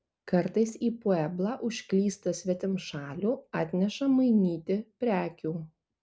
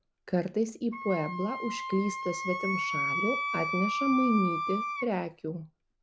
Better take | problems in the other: first | background sound (Wind instrument, woodwind instrument); 3 dB below the speech

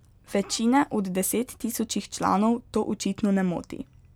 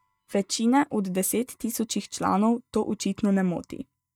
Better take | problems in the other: first | noise reduction (neural mask model DeepFilterNet 3)

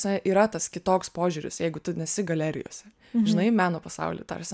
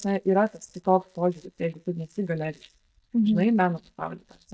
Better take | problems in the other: first | noise reduction (neural mask model DeepFilterNet 3)

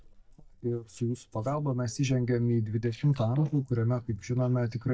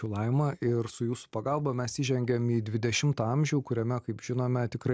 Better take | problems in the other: second | noise reduction (neural mask model DeepFilterNet 3)

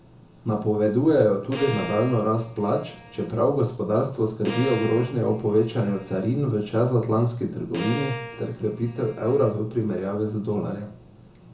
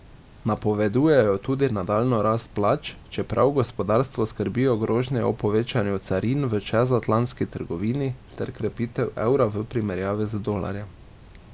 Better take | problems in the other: second | background sound (Bowed string instrument); 14 dB below the speech // room echo; dies away in 0.5 s

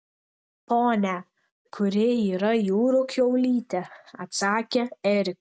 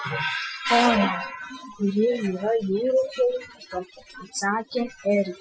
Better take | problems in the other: first | noise reduction (classical method Wiener filter)

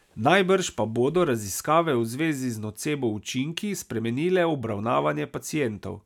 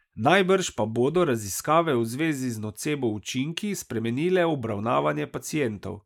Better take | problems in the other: first | noise reduction (neural mask model Resemble Enhance denoiser)

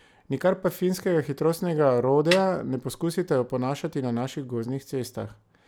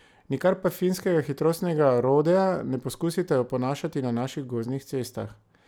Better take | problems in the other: second | background sound (Snare drum); 9 dB below the speech

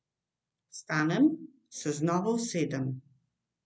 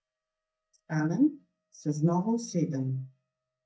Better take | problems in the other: first | noise reduction (neural mask model DeepFilterNet 3)

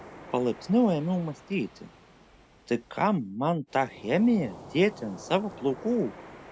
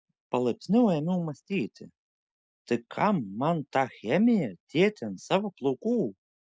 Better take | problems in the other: second | background sound (Waves, surf); 19 dB below the speech

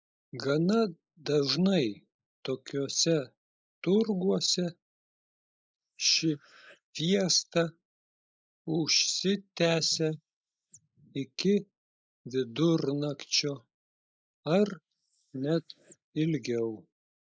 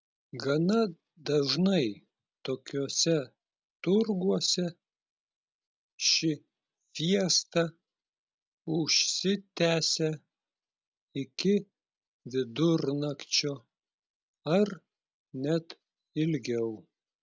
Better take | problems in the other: second | noise reduction (neural mask model Resemble Enhance denoiser)

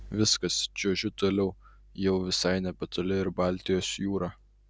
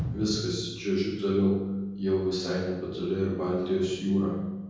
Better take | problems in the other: first | room echo; dies away in 1.3 s

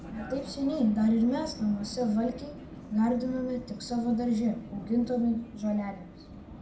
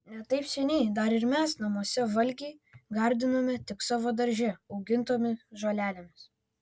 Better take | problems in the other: second | background sound (Vehicle); 14 dB below the speech // room echo; dies away in 0.4 s

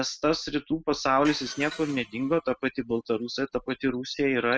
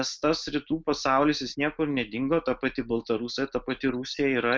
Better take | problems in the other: second | noise reduction (classical method spectral subtraction)

